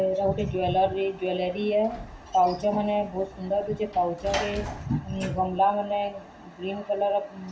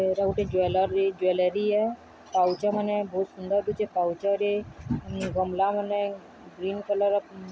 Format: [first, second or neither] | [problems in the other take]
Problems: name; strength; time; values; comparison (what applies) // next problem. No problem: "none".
second | background sound (Sliding door / Slam); 16 dB below the speech // room echo; dies away in 0.4 s